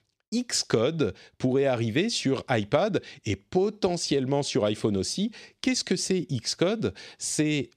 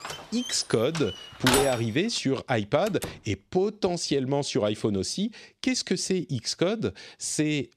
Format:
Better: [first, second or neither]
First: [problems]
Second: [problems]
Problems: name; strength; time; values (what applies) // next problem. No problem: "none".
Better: first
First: none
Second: door banging; loud; until 2 s; peak 3 dB above the speech // door banging; faint; at 3 s; peak 10 dB below the speech